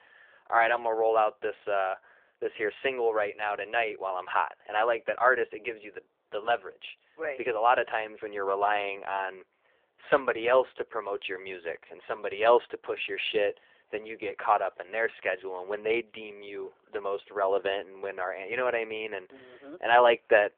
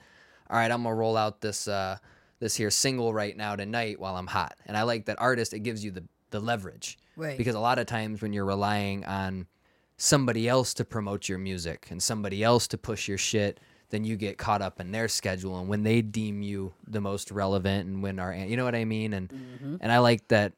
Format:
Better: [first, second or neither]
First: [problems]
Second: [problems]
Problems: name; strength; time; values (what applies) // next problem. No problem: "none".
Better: second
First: phone-call audio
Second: none